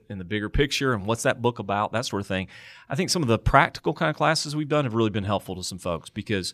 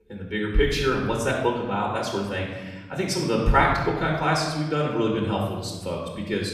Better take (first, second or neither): first